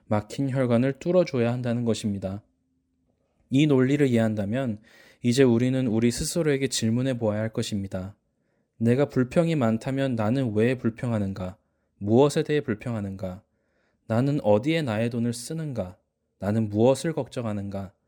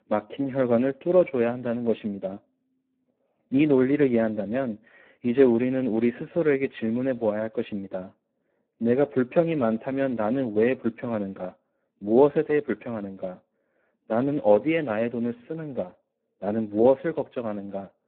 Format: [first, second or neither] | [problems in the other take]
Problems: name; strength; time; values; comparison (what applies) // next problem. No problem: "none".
first | phone-call audio; poor line; nothing above 3.5 kHz